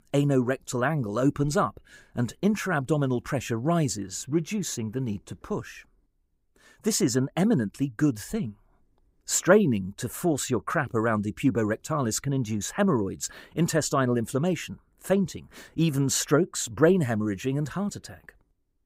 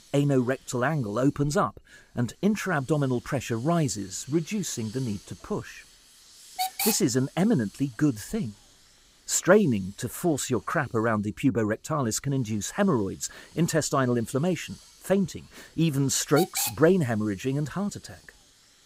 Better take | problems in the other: first | hiss; loud; throughout; 9 dB below the speech

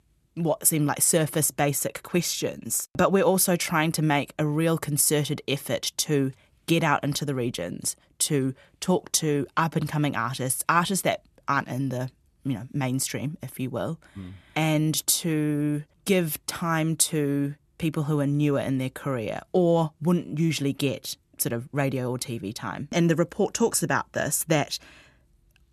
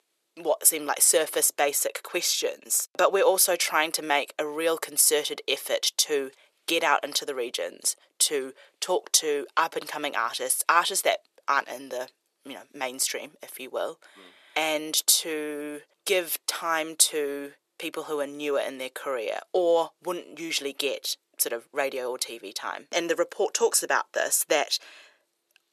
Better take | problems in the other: first | thin; very; fading below 450 Hz

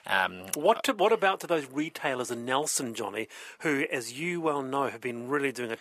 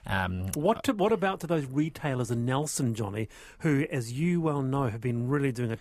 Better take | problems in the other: second | thin; somewhat; fading below 400 Hz

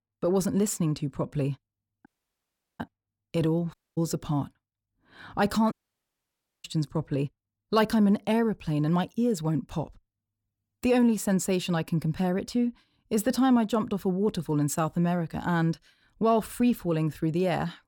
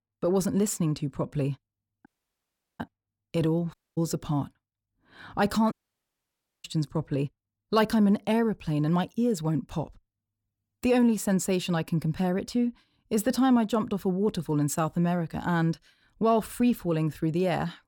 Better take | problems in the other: neither | audio cutting out; at 2 s for 0.5 s, at 3.5 s and at 5.5 s for 1 s; the same in both

